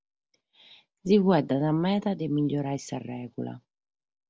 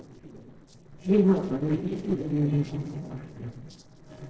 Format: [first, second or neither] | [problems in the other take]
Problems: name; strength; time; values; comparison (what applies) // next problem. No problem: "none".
first | noise reduction (neural separator model SepFormer DNS4)